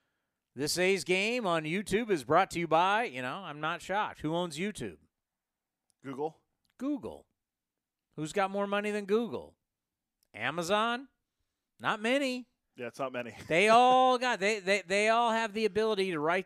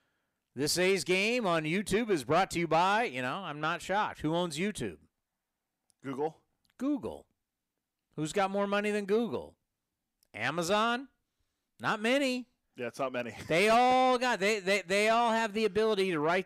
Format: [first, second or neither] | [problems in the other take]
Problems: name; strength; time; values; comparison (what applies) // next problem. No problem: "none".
first | distortion; slight; 10 dB below the speech